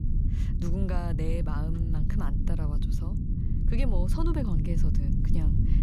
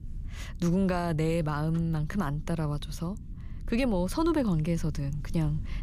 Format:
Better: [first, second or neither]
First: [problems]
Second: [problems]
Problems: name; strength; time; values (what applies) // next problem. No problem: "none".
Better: second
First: low rumble; loud; throughout; 3 dB below the speech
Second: low rumble; faint; throughout; 25 dB below the speech